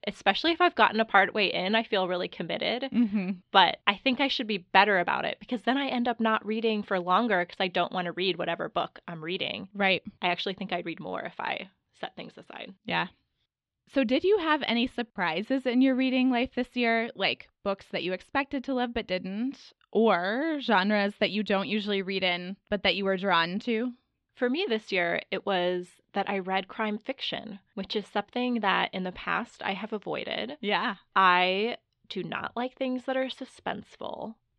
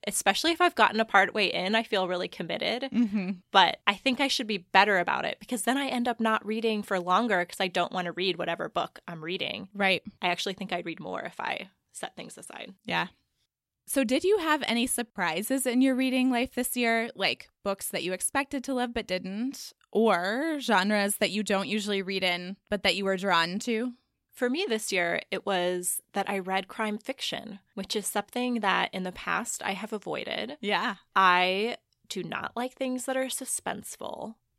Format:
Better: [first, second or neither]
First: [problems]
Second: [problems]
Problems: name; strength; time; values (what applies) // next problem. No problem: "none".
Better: second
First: muffled; very slightly; fading above 3.5 kHz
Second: none